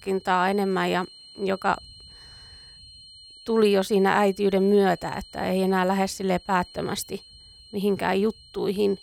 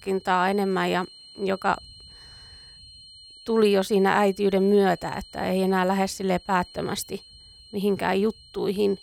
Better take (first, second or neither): neither